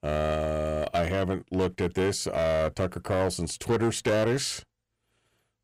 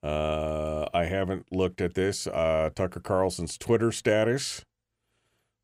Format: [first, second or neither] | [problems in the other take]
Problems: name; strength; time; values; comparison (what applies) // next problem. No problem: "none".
second | distortion; slight; 9% of the sound clipped